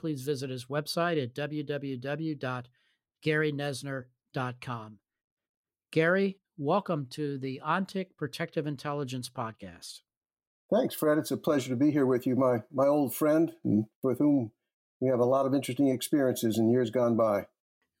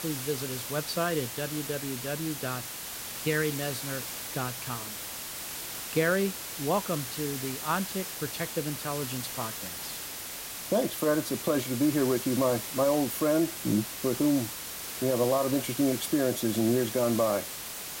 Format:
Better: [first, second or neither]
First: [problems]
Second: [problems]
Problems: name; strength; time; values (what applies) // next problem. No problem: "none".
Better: first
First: none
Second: hiss; loud; throughout; 5 dB below the speech